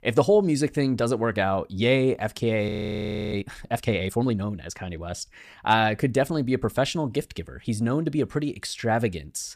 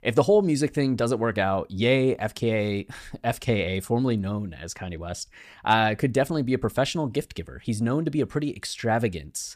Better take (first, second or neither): second